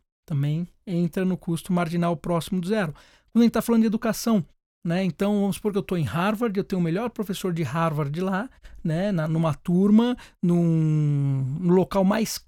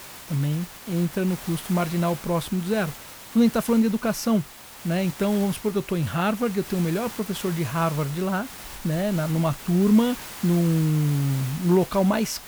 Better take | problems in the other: first | hiss; noticeable; throughout; 15 dB below the speech

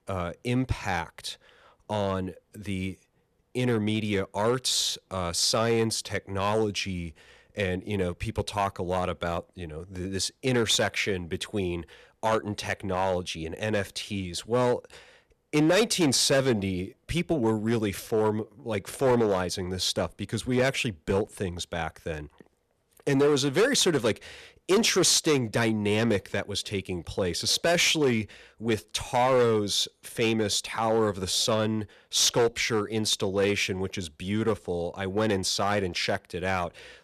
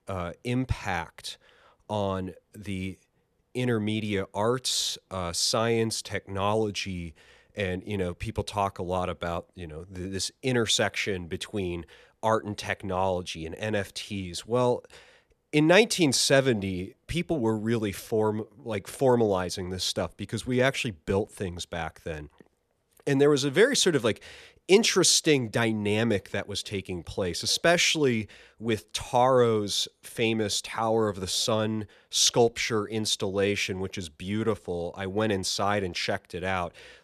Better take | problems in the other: second | distortion; slight; 4% of the sound clipped

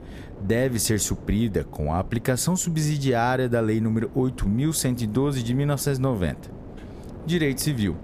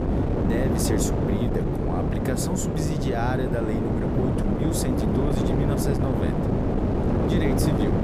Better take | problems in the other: first | wind noise on the microphone; heavy; 3 dB above the speech; occasional gusts in the first

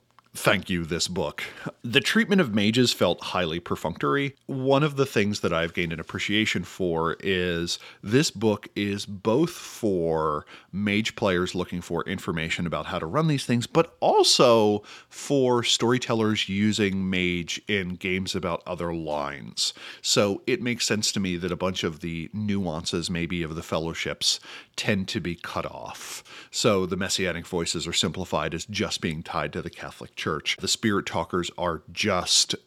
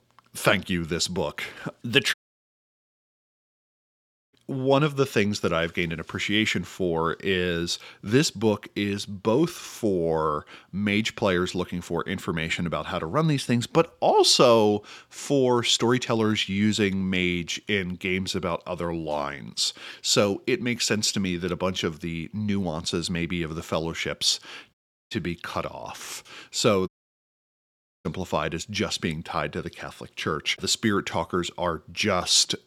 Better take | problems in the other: first | audio cutting out; at 2 s for 2 s, at 25 s and at 27 s for 1 s

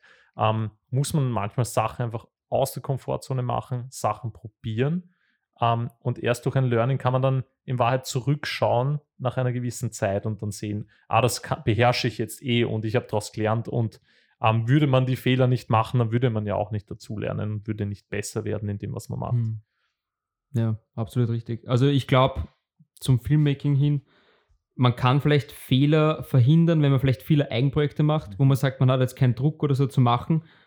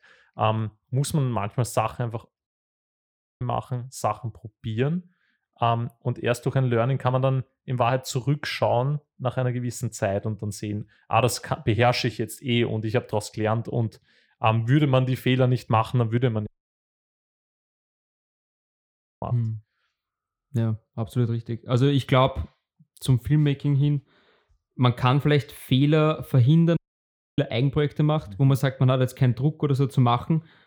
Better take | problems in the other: first | audio cutting out; at 2.5 s for 1 s, at 16 s for 3 s and at 27 s for 0.5 s

